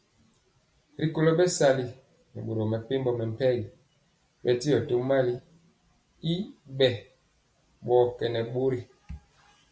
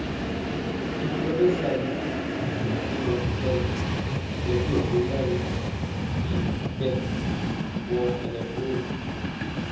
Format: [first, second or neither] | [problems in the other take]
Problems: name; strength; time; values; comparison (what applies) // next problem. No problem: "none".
first | background sound (Train); 2 dB above the speech // room echo; dies away in 0.8 s